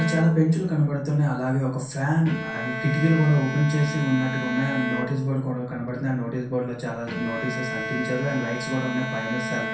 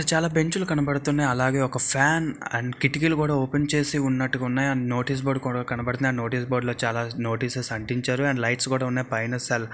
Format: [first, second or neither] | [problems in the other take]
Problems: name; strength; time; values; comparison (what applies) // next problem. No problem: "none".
second | background sound (Bowed string instrument); 8 dB below the speech // room echo; dies away in 0.6 s